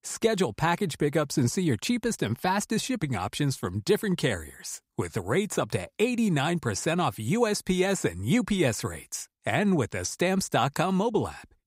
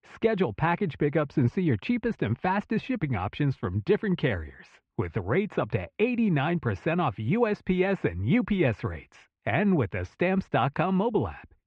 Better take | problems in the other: first | muffled; very; fading above 2.5 kHz

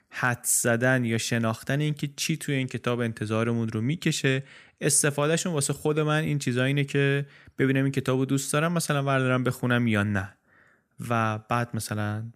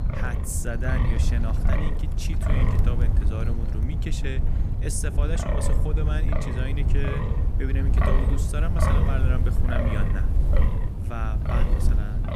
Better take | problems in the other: first | wind noise on the microphone; heavy; 1 dB above the speech

